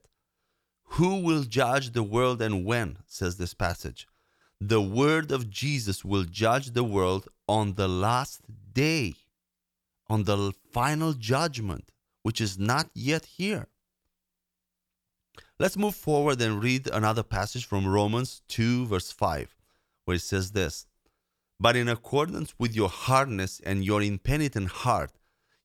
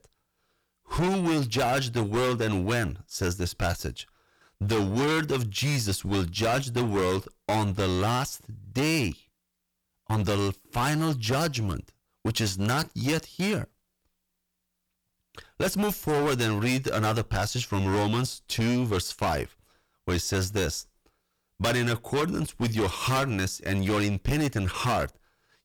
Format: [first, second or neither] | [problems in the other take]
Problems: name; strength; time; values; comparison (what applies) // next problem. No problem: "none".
first | distortion; heavy; 16% of the sound clipped